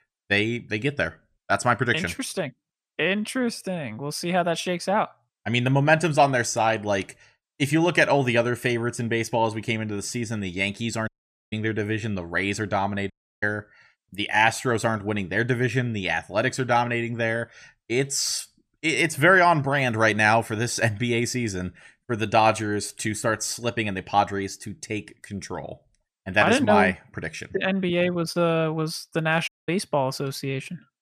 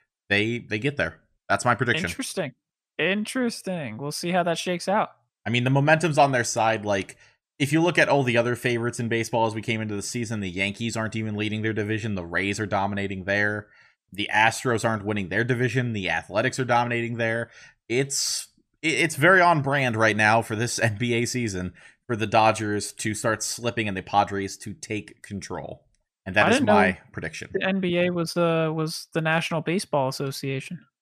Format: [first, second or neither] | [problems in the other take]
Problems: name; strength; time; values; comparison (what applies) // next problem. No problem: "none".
second | audio cutting out; at 11 s, at 13 s and at 29 s